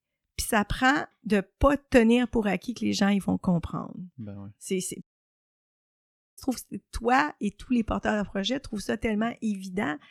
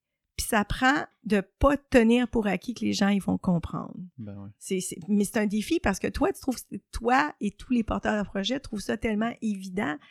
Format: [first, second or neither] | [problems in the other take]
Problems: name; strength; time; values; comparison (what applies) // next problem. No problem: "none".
second | audio cutting out; at 5 s for 1.5 s